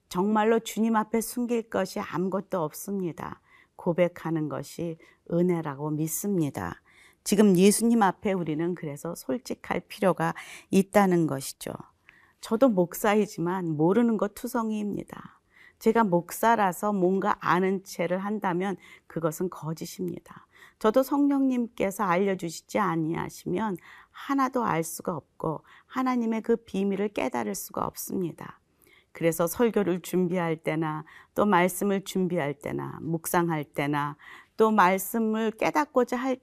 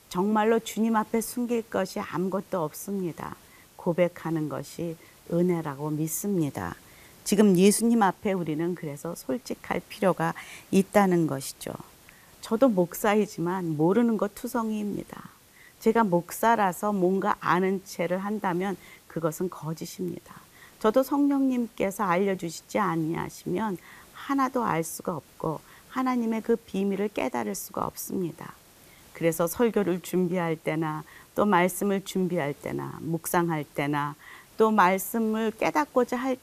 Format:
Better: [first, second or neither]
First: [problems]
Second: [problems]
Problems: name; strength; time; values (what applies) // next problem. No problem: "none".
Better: first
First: none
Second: hiss; faint; throughout; 25 dB below the speech